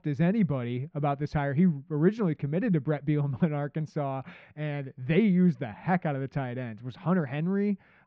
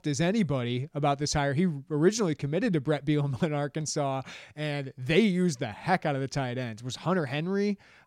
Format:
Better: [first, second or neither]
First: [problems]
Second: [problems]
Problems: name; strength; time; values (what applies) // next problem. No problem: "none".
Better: second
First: muffled; very; fading above 2.5 kHz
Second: none